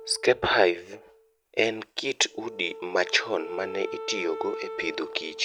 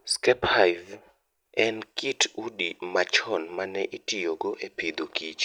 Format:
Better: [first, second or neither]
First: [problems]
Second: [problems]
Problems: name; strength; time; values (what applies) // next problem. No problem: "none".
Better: second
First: background sound (Wind instrument, woodwind instrument); 12 dB below the speech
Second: none